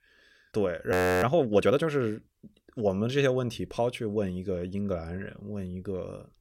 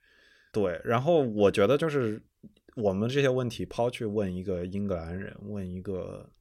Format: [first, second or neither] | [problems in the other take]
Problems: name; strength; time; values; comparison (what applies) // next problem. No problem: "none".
second | audio freezing; at 1 s